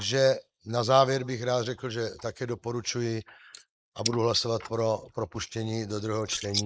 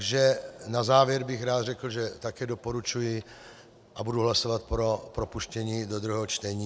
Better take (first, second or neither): second